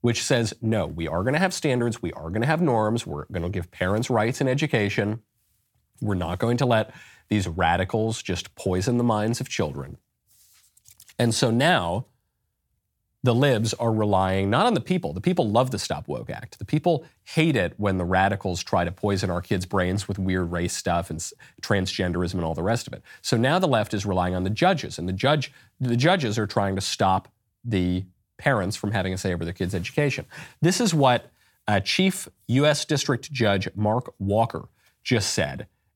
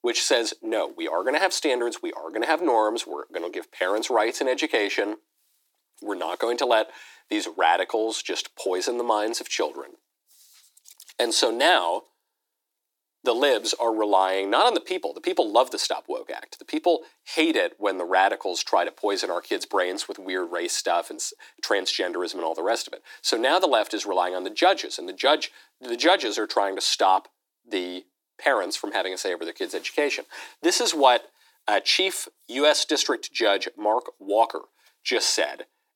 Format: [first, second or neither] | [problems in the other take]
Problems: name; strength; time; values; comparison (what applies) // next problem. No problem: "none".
first | thin; very; fading below 300 Hz